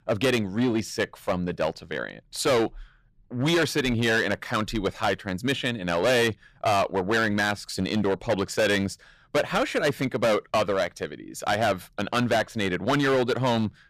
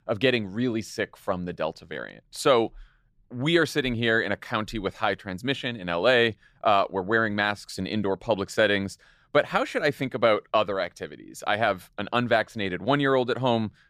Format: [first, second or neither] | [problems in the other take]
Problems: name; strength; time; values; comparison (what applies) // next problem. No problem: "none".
second | distortion; heavy; 11% of the sound clipped